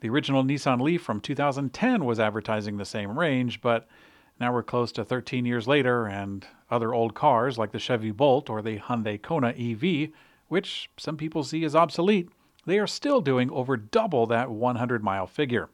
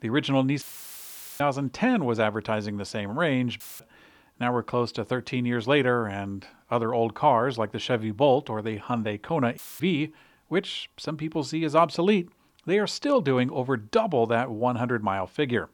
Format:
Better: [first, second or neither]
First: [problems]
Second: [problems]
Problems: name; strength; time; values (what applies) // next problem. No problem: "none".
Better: first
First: none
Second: audio cutting out; filled with static; at 0.5 s for 1 s, at 3.5 s and at 9.5 s